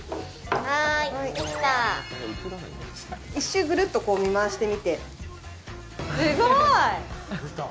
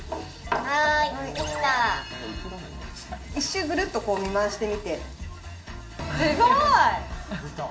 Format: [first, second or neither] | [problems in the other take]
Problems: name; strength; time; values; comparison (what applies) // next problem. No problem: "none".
first | room echo; dies away in 0.4 s